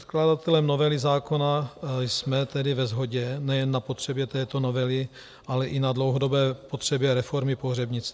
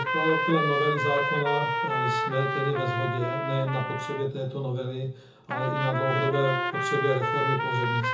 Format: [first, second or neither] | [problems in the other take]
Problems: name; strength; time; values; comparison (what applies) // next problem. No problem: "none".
first | background sound (Trumpet); 1 dB below the speech // room echo; dies away in 0.5 s